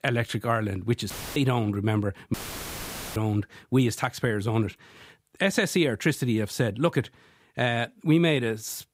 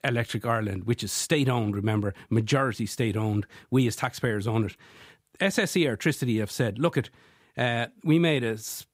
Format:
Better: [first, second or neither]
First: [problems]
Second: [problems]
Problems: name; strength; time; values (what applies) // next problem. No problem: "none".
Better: second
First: audio cutting out; filled with static; at 1 s and at 2.5 s for 1 s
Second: none